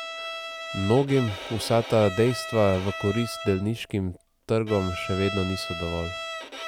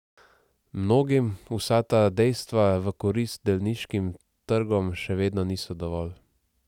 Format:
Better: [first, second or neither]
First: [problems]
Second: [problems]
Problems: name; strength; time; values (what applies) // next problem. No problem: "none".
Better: second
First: background sound (Bowed string instrument); 10 dB below the speech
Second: none